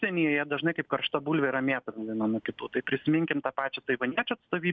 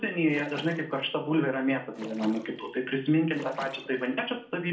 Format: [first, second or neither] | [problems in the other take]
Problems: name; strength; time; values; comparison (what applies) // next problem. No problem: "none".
first | background sound (Splash, splatter); 15 dB below the speech // room echo; dies away in 0.4 s